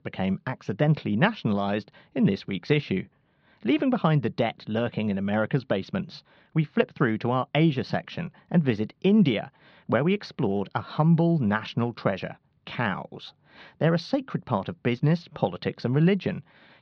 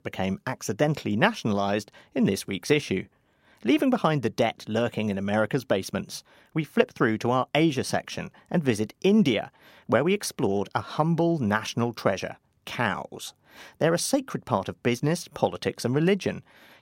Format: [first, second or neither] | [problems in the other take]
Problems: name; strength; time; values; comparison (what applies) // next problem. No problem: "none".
second | muffled; very slightly; fading above 4.5 kHz